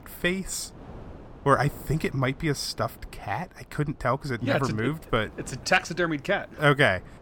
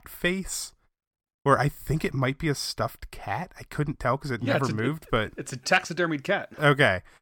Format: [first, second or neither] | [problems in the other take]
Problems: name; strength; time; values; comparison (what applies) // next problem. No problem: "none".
second | wind noise on the microphone; occasional gusts; 25 dB below the speech